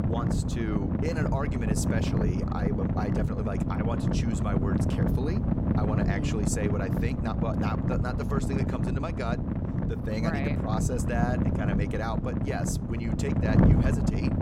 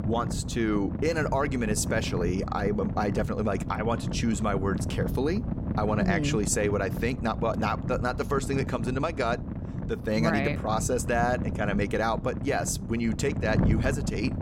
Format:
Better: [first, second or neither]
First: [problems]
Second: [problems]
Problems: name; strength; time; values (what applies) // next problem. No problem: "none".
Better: second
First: wind noise on the microphone; heavy; as loud as the speech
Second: wind noise on the microphone; occasional gusts; 10 dB below the speech